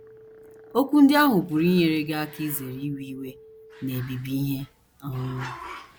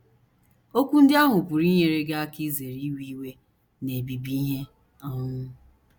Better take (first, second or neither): second